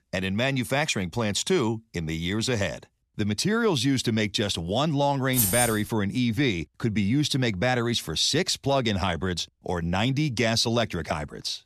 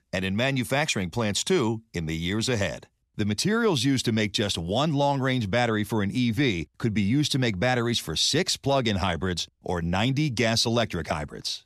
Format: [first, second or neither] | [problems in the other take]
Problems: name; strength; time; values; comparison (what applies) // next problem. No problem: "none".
second | jangling keys; loud; at 5.5 s; peak 3 dB above the speech